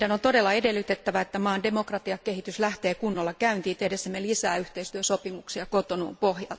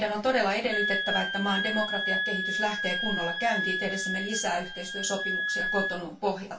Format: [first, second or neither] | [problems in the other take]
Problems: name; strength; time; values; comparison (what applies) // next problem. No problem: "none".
first | background sound (Wind instrument, woodwind instrument); 1 dB below the speech // room echo; dies away in 0.2 s